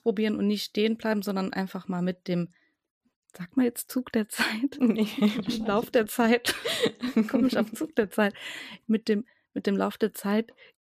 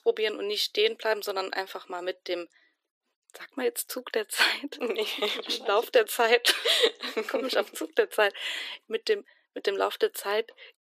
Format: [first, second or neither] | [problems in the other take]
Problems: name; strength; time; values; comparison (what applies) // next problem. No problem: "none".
first | thin; very; fading below 350 Hz